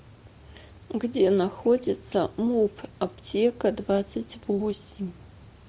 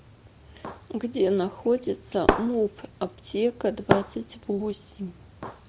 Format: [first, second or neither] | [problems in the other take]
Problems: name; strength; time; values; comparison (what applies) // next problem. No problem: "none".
first | background sound (Shatter); 4 dB below the speech